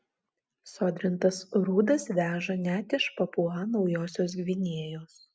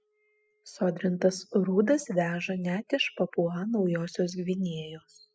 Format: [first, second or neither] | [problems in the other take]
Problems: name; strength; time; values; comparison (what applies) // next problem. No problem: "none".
first | noise reduction (classical method spectral subtraction)